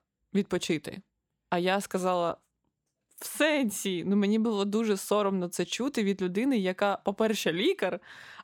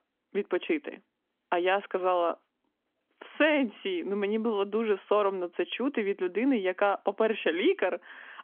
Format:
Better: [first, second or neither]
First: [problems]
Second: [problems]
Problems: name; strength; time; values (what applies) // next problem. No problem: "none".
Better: first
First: none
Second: phone-call audio; nothing above 3.5 kHz